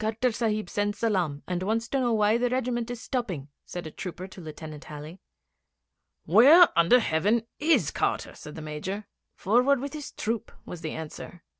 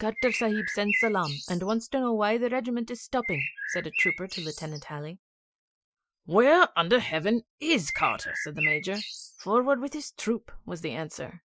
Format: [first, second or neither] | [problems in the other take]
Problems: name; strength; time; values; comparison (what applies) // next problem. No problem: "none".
first | noise reduction (classical method Wiener filter)